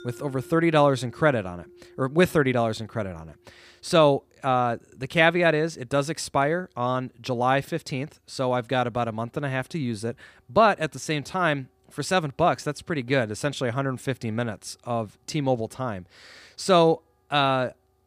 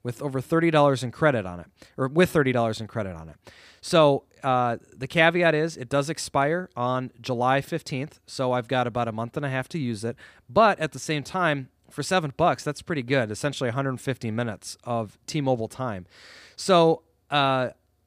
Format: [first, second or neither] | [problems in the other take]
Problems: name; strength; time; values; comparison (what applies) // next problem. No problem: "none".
second | background music; faint; throughout; 25 dB below the speech